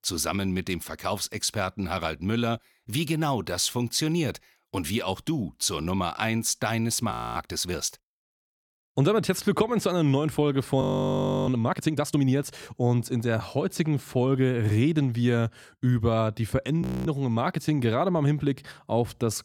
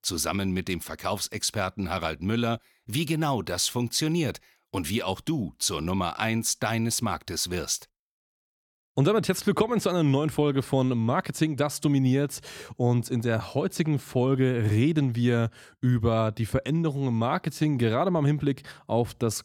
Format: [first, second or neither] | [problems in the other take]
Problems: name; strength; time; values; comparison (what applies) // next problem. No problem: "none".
second | audio freezing; at 7 s, at 11 s for 0.5 s and at 17 s